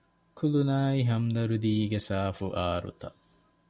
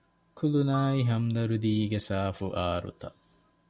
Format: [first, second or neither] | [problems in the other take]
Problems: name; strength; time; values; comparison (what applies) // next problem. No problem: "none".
first | background sound (Marimba, xylophone); 17 dB below the speech